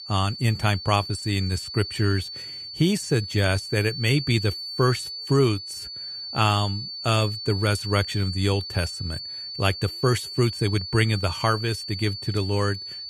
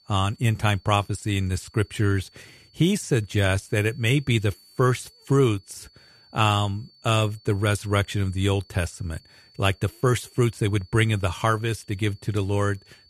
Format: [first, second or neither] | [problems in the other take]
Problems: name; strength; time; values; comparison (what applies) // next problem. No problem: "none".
second | high-pitched whine; loud; throughout; 4.5 kHz, 8 dB below the speech; faint in the second